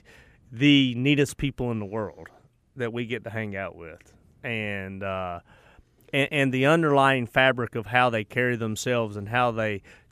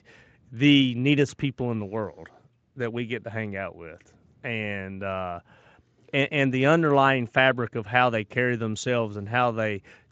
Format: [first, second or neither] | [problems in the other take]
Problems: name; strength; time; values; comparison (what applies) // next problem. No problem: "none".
first | garbled, watery; slightly; nothing above 7.5 kHz